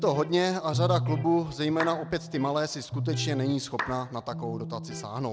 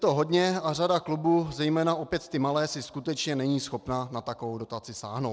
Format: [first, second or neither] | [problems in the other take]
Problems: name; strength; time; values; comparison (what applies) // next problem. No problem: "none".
second | background sound (Electric guitar + Clapping); 6 dB below the speech